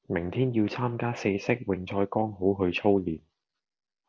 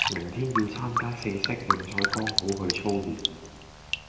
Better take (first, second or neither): first